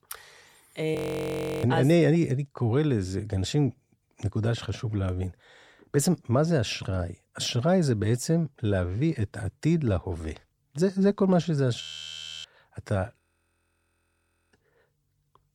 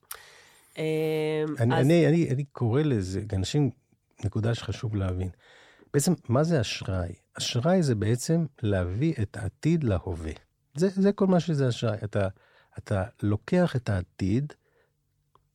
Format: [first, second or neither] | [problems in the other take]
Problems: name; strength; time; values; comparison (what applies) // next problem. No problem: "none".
second | audio freezing; at 1 s for 0.5 s, at 12 s for 0.5 s and at 13 s for 1.5 s